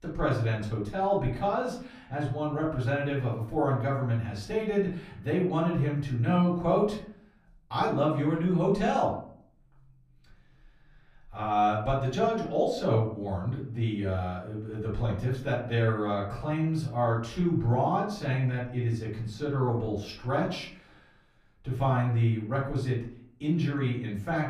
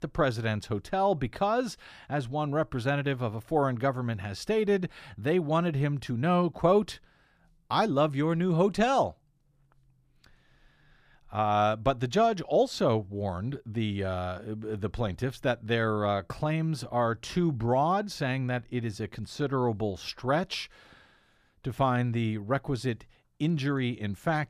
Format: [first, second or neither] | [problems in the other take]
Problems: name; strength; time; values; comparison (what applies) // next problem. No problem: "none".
second | off-mic speech; far // room echo; slight; dies away in 0.5 s